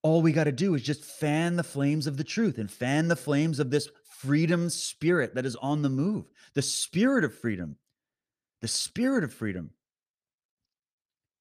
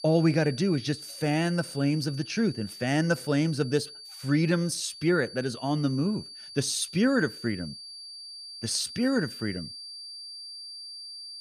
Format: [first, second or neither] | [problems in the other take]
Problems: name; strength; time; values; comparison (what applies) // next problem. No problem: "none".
first | high-pitched whine; noticeable; throughout; 4.5 kHz, 15 dB below the speech